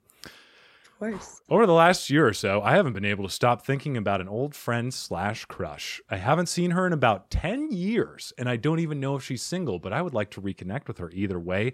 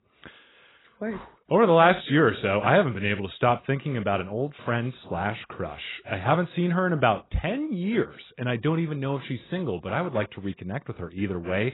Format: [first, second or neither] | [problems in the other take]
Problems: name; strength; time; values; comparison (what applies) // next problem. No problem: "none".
first | garbled, watery; badly; nothing above 4 kHz